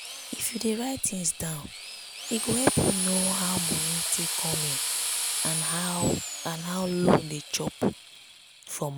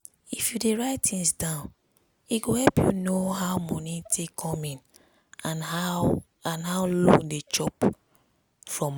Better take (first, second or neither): second